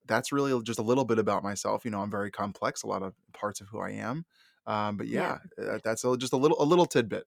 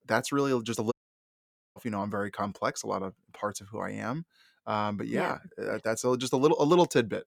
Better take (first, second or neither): first